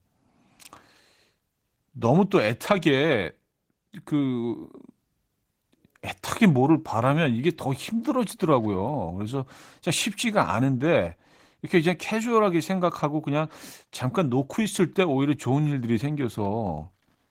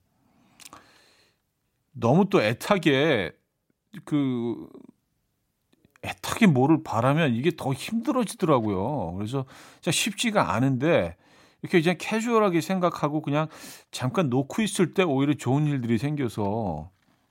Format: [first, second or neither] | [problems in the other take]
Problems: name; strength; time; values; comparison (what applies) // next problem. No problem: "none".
second | garbled, watery; slightly; nothing above 16 kHz